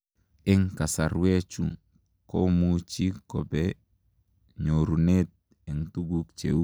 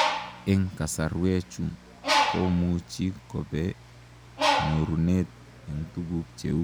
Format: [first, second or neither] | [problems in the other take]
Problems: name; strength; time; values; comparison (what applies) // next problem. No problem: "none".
first | background sound (Bird); 3 dB below the speech